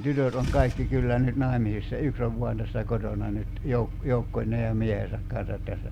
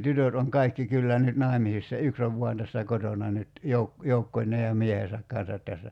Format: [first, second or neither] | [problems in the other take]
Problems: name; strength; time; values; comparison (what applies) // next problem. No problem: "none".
second | background sound (Engine starting / Car); 5 dB below the speech